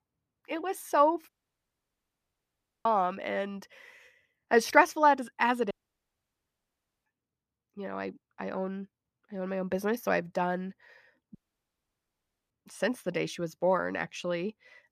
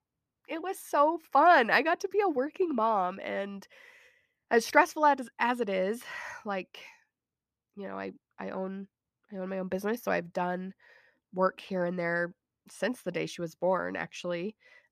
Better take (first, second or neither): second